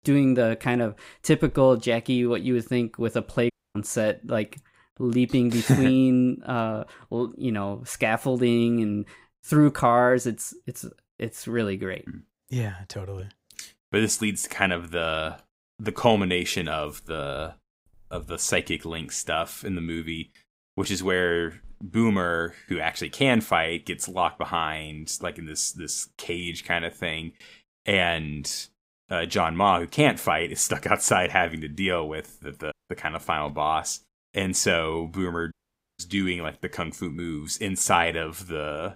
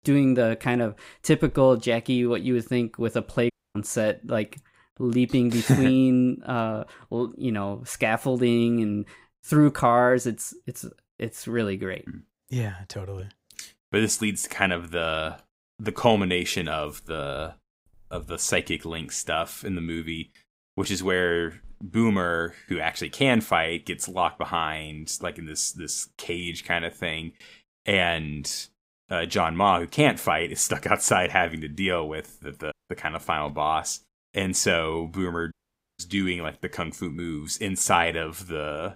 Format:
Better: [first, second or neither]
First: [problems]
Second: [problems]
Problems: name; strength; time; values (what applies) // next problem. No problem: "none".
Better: neither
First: audio cutting out; at 3.5 s, at 33 s and at 36 s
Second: audio cutting out; at 3.5 s, at 33 s and at 36 s